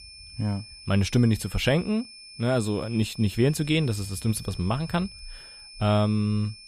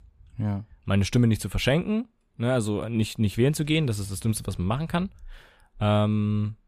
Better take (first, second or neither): second